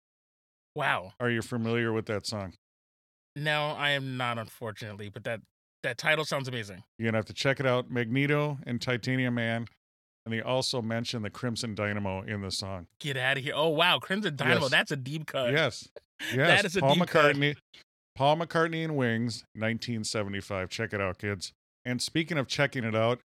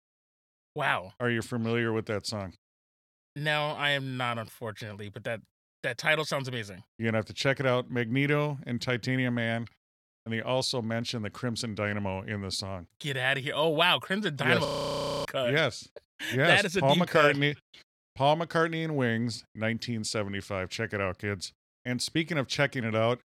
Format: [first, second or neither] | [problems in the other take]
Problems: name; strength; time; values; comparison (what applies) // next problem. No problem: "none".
first | audio freezing; at 15 s for 0.5 s